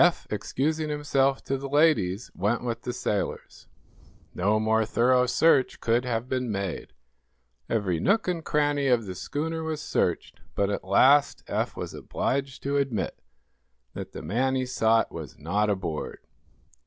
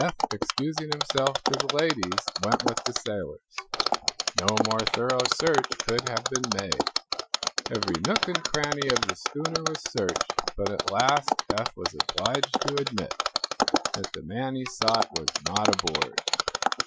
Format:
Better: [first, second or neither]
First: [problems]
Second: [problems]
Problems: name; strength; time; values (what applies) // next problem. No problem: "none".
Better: first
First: none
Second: noise reduction (classical method Wiener filter)